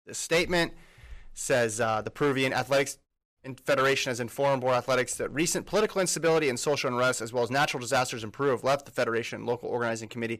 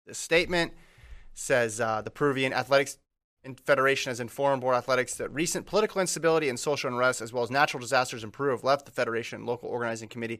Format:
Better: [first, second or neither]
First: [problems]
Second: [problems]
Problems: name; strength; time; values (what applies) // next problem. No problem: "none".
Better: second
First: distortion; slight; 6% of the sound clipped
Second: none